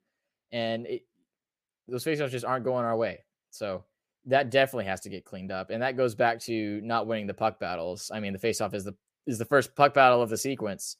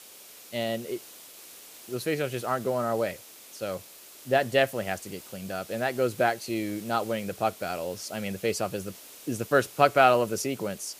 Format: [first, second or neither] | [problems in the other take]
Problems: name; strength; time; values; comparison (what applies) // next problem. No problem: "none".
first | hiss; noticeable; throughout; 15 dB below the speech